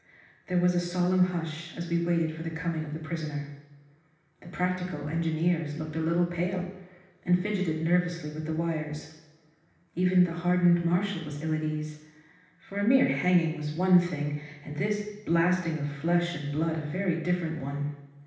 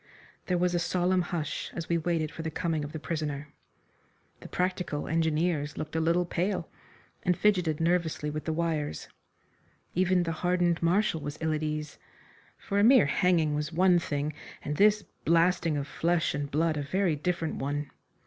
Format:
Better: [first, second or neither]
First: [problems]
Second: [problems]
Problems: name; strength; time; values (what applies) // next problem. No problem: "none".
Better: second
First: room echo; dies away in 0.9 s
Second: none